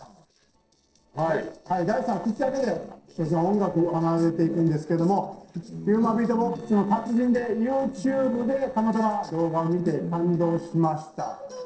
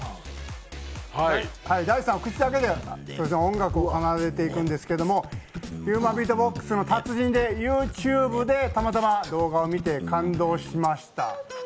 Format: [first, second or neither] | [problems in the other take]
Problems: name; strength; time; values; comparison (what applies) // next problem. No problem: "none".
second | noise reduction (neural separator model SepFormer DNS4)